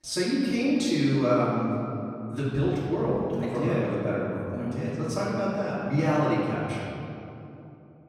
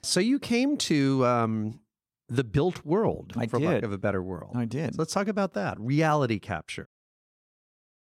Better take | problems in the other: second | off-mic speech; far // room echo; strong; dies away in 2.5 s

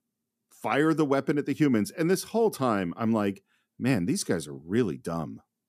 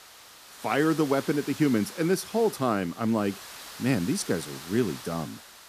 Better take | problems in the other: first | hiss; noticeable; throughout; 15 dB below the speech

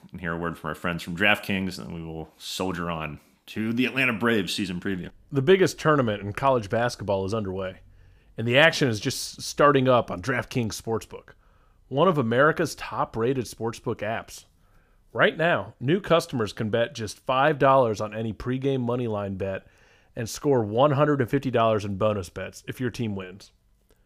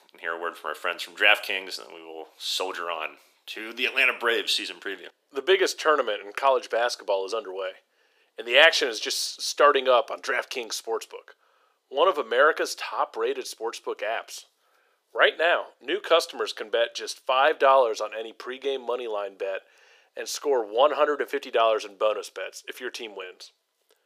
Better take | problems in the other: first | thin; very; fading below 400 Hz

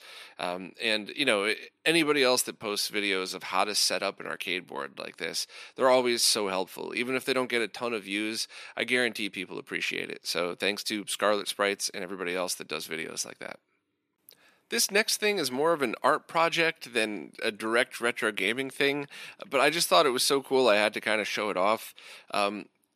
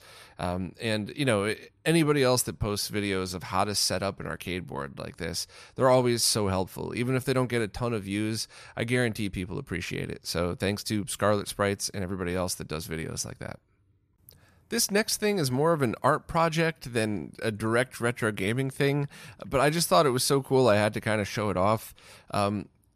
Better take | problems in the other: second | thin; somewhat; fading below 250 Hz

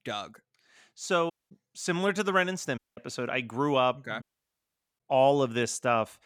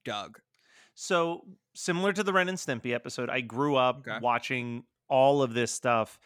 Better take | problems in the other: second | audio cutting out; at 1.5 s, at 3 s and at 4 s for 1 s

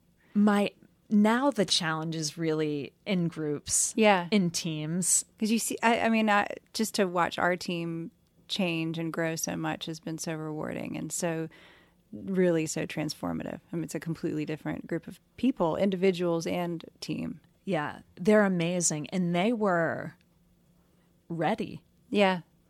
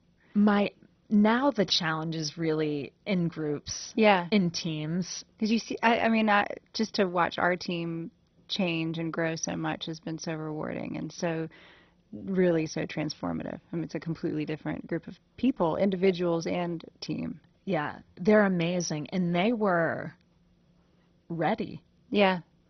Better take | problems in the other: first | garbled, watery; badly; nothing above 6 kHz

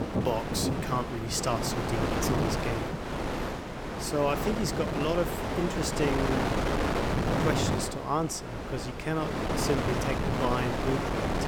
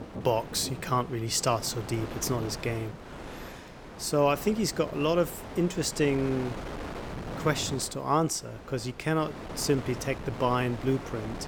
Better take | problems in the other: second | wind noise on the microphone; heavy; 1 dB above the speech; occasional gusts in the second

